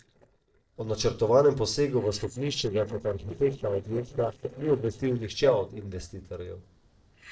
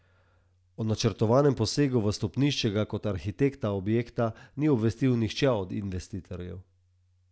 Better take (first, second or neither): second